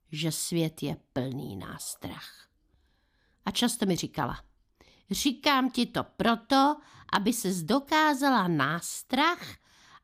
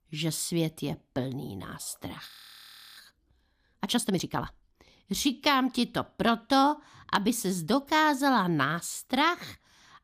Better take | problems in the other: first | audio freezing; at 2.5 s for 0.5 s

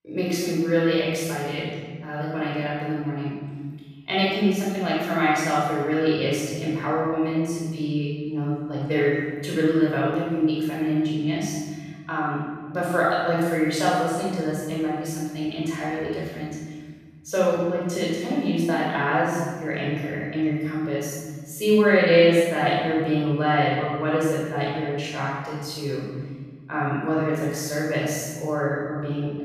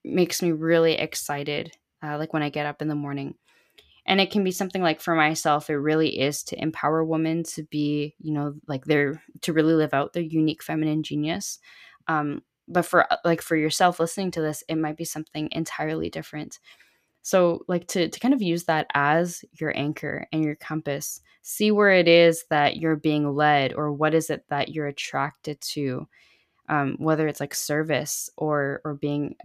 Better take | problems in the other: second | off-mic speech; far // room echo; strong; dies away in 1.8 s

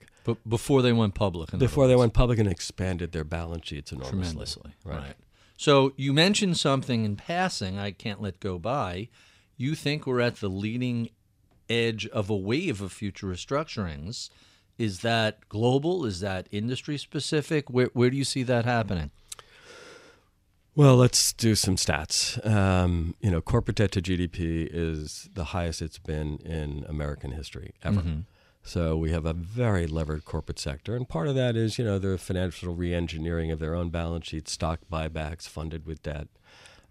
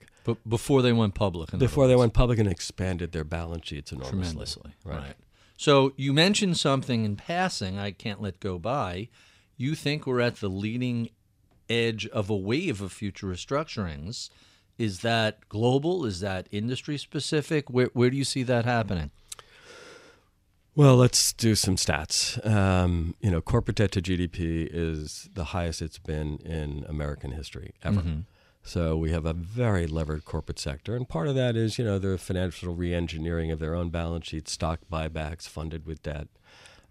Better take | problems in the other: neither | none

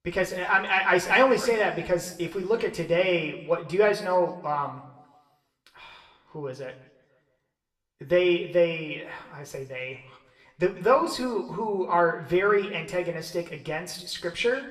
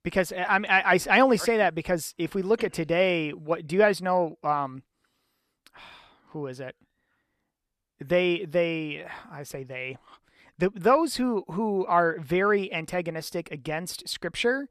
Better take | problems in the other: second | room echo; slight; dies away in 0.7 s // off-mic speech; somewhat distant

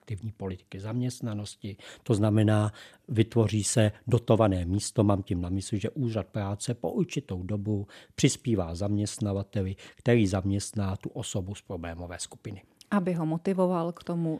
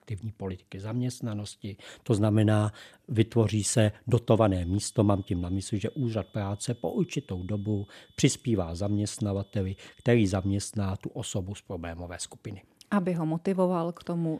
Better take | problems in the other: first | high-pitched whine; faint; from 4.5 to 11 s; 3.5 kHz, 30 dB below the speech

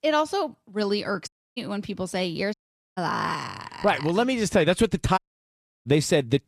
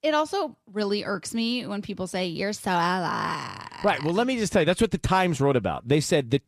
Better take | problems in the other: second | audio cutting out; at 1.5 s, at 2.5 s and at 5 s for 0.5 s

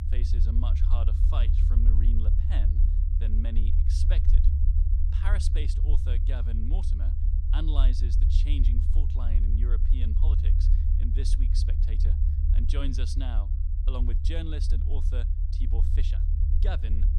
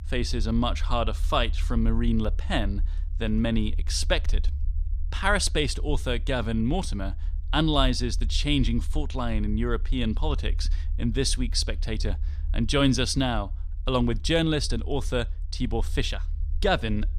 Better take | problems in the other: second | low rumble; loud; throughout; 3 dB below the speech; faint in the second

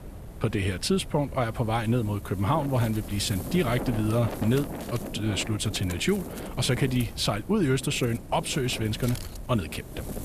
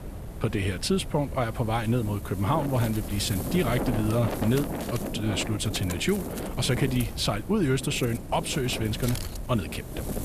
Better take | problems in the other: first | wind noise on the microphone; heavy; 8 dB below the speech; occasional gusts in the first

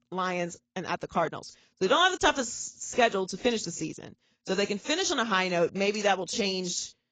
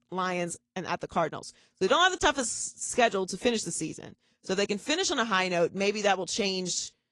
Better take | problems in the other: second | garbled, watery; badly; nothing above 7.5 kHz; slightly in the second

